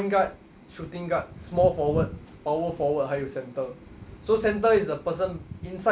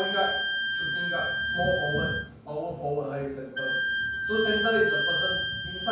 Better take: first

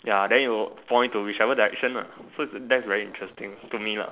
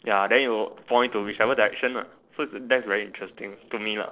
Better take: first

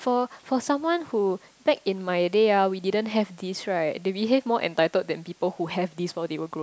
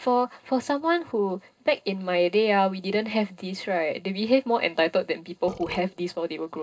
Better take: first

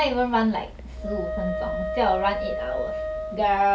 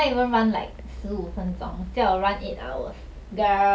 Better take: second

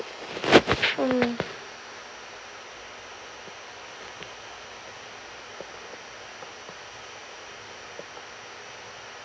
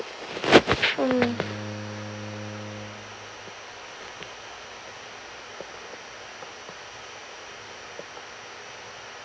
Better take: first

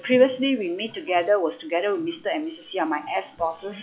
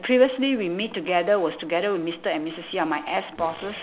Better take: second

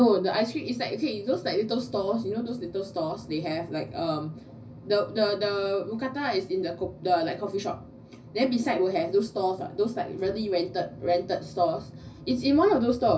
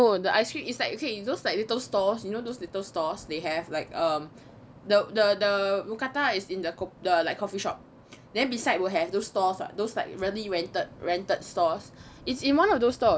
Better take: second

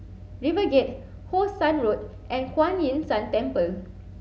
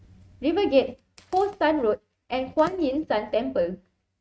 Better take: first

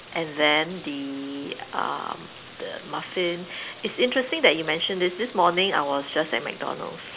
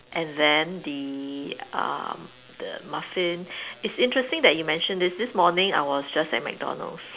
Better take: second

